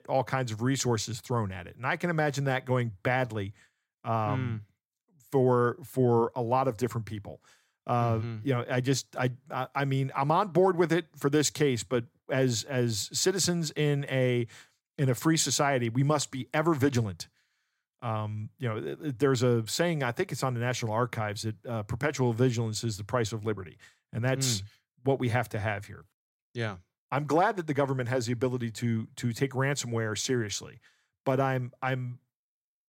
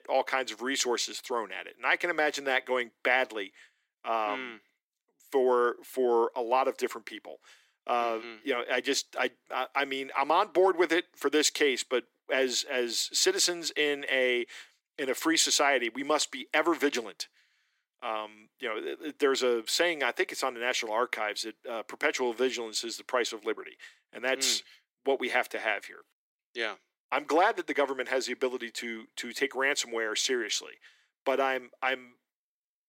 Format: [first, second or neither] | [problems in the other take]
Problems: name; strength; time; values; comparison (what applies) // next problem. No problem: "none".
first | thin; somewhat; fading below 300 Hz